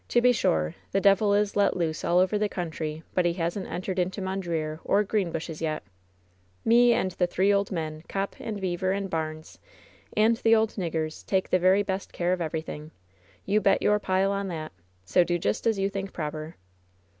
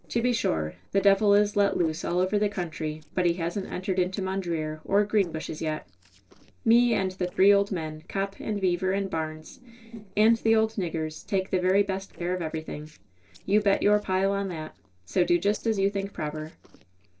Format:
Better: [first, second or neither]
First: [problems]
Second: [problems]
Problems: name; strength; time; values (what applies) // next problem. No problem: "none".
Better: first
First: none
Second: noise reduction (neural separator model SepFormer DNS4)